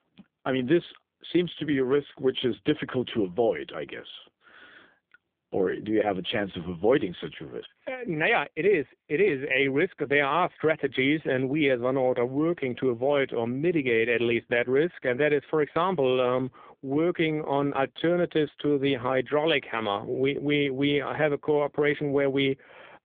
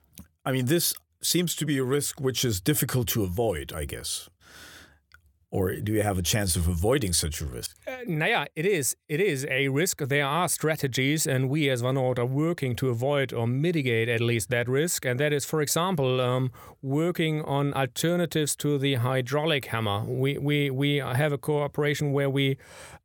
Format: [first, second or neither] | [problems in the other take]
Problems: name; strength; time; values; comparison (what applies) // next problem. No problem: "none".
second | phone-call audio; poor line; nothing above 3.5 kHz